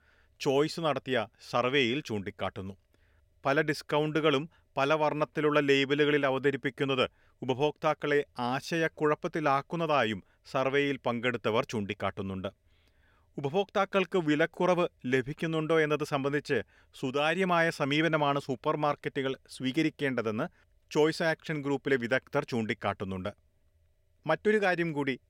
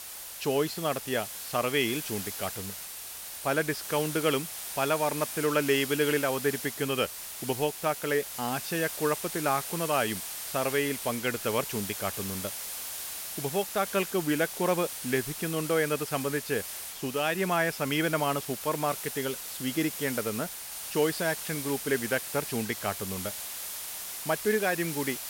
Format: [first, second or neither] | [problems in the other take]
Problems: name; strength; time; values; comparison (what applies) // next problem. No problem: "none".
first | hiss; loud; throughout; 6 dB below the speech